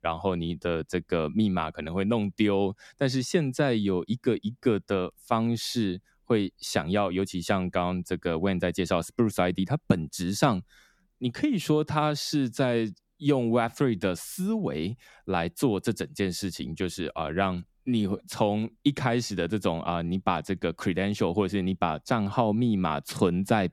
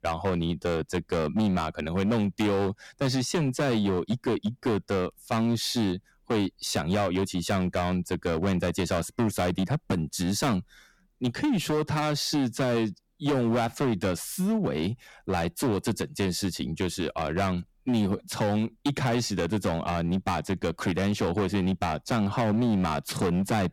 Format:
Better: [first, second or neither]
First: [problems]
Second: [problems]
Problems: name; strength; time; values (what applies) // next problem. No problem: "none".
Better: first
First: none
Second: distortion; heavy; 15% of the sound clipped